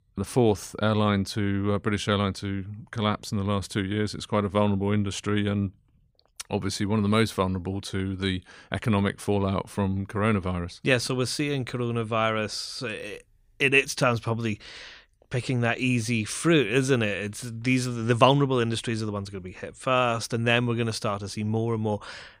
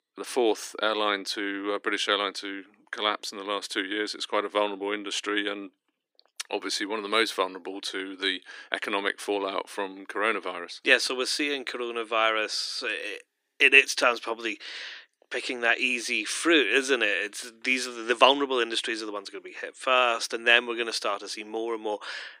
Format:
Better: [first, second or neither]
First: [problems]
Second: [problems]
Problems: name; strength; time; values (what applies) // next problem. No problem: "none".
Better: first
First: none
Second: thin; very; fading below 300 Hz